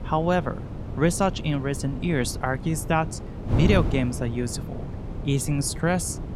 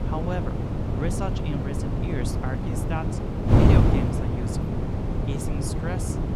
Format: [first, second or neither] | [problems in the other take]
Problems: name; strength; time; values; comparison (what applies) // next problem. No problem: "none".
first | wind noise on the microphone; heavy; 4 dB above the speech; occasional gusts in the first